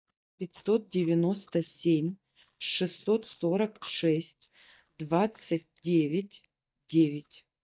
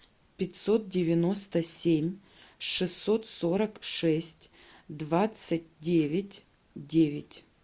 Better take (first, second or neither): second